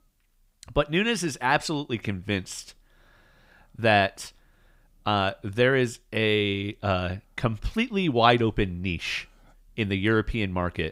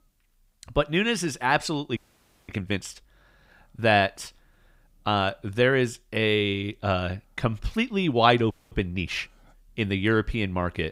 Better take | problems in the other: first | audio freezing; at 2 s for 0.5 s and at 8.5 s

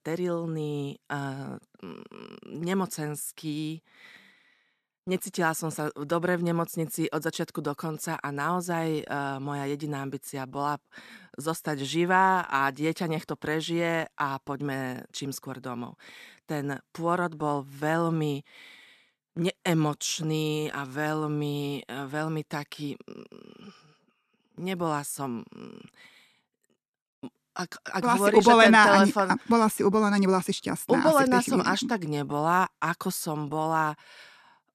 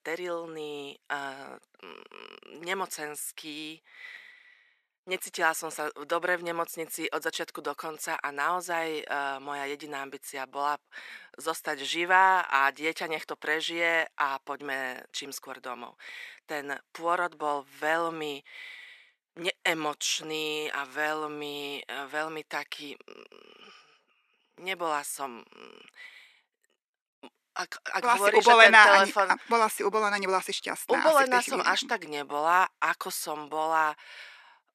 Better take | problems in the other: first | thin; very; fading below 550 Hz

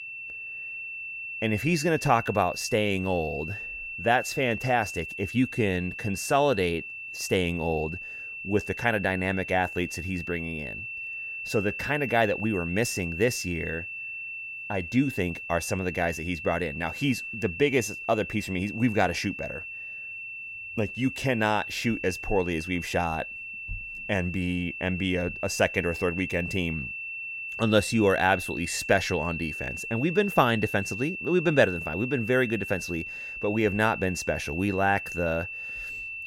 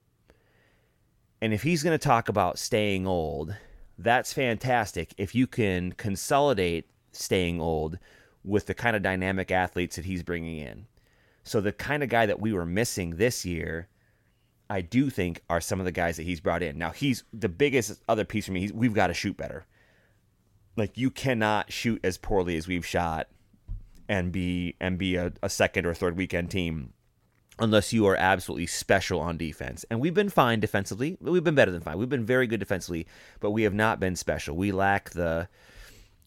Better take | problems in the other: second | high-pitched whine; loud; throughout; 2.5 kHz, 7 dB below the speech

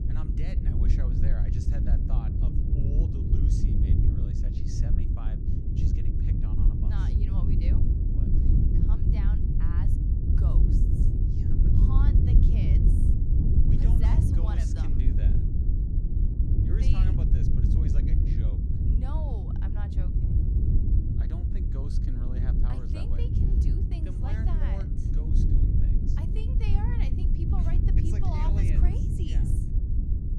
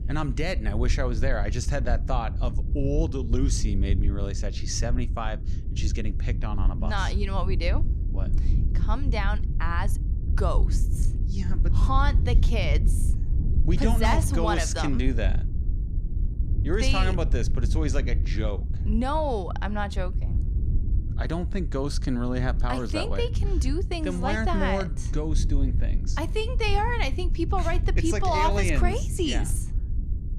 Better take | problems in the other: second | wind noise on the microphone; heavy; 5 dB above the speech; occasional gusts in the second

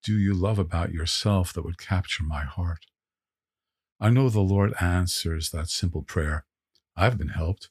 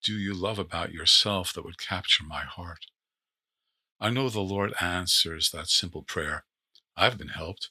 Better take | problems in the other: first | thin; somewhat; fading below 500 Hz

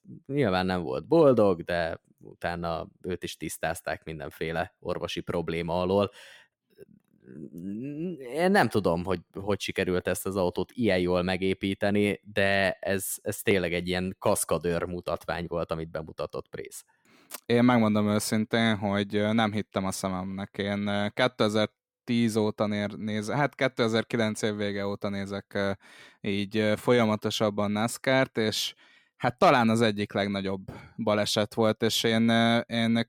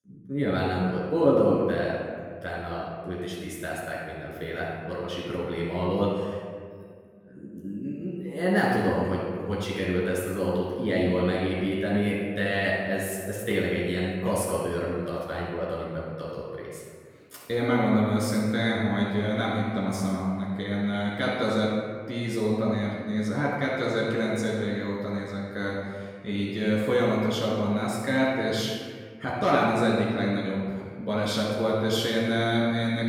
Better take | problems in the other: first | off-mic speech; far // room echo; strong; dies away in 1.6 s

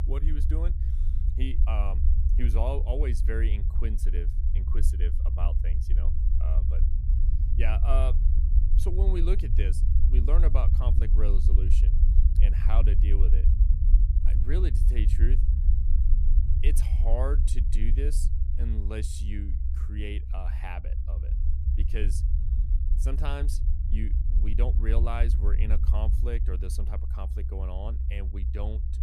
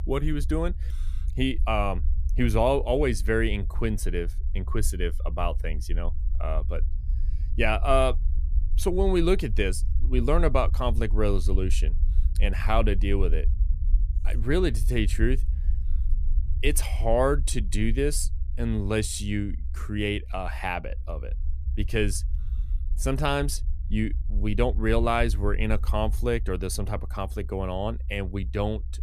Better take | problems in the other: second | low rumble; loud; throughout; 7 dB below the speech; faint in the second

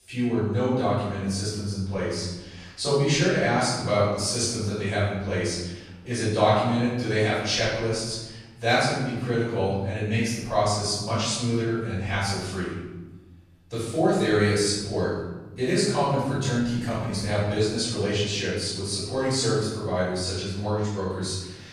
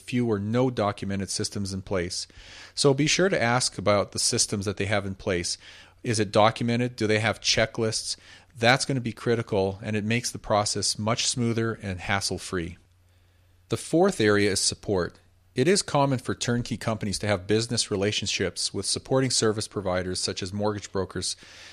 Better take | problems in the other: second | off-mic speech; far // room echo; strong; dies away in 1.1 s

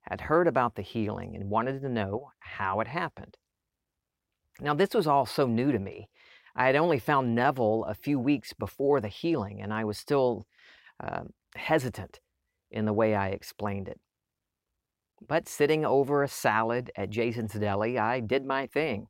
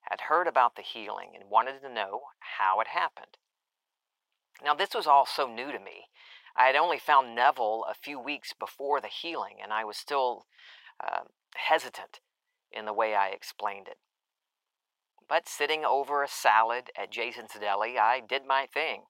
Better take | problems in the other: first | thin; very; fading below 700 Hz

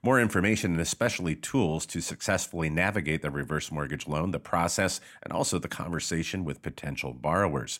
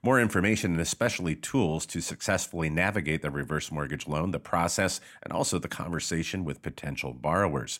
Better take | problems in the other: neither | none

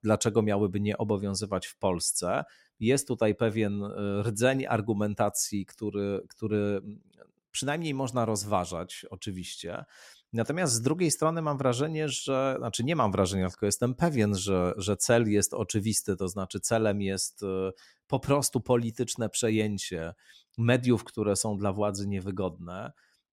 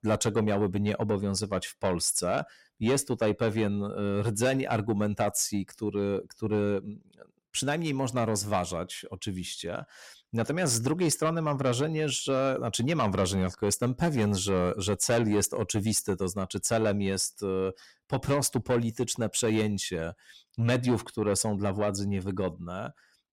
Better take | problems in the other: first | distortion; slight; 10 dB below the speech

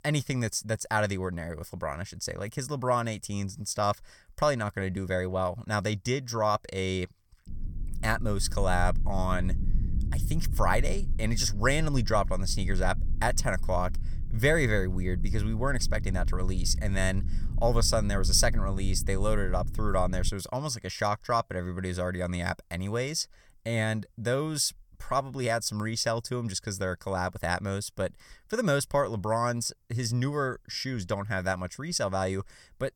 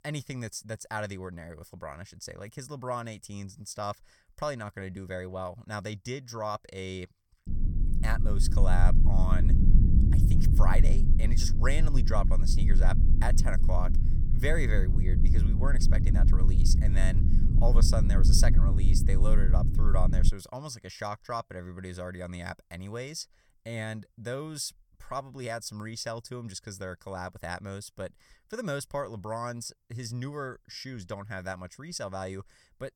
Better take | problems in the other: first | low rumble; loud; from 7.5 to 20 s; 5 dB below the speech; faint in the first

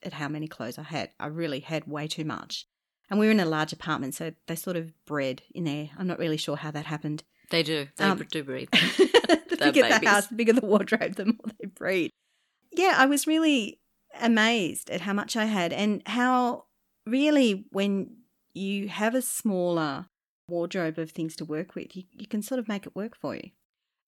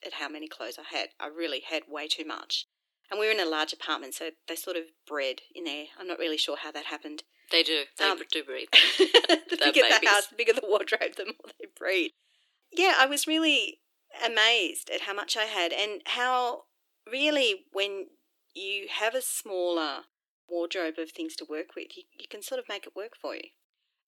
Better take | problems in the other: first | thin; very; fading below 350 Hz

